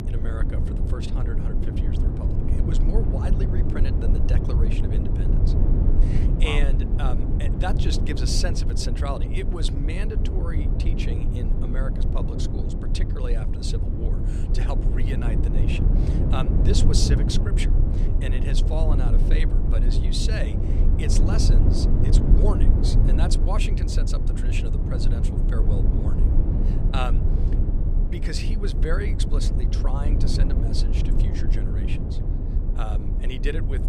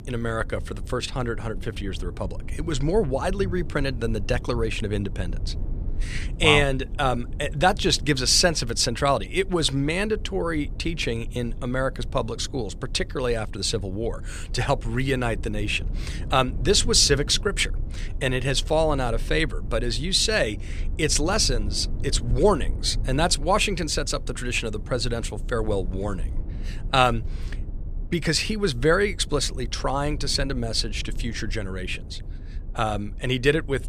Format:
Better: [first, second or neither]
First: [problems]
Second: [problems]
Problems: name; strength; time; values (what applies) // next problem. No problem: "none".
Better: second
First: low rumble; loud; throughout; 2 dB below the speech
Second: low rumble; faint; throughout; 25 dB below the speech